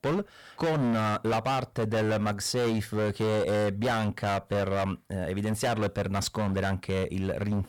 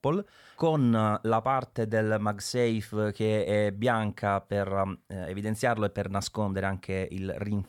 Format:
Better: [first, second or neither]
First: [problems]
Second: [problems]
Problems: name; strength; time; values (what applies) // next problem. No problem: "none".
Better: second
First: distortion; heavy; 24% of the sound clipped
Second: none